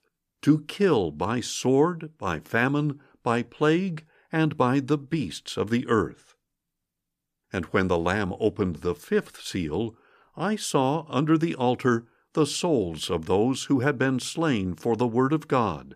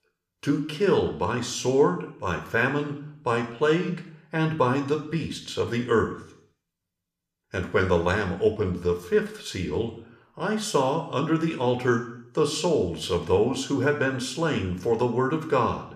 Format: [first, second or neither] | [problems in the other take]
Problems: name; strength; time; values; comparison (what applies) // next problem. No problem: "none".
first | room echo; slight; dies away in 0.6 s